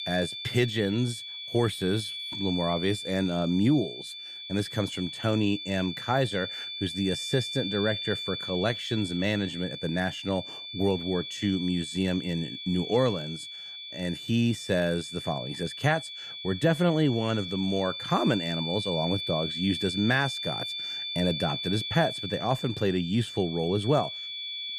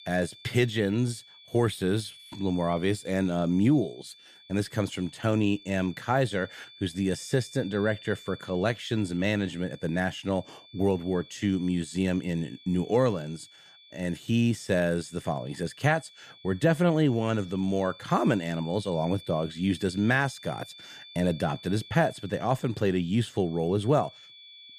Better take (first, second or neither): second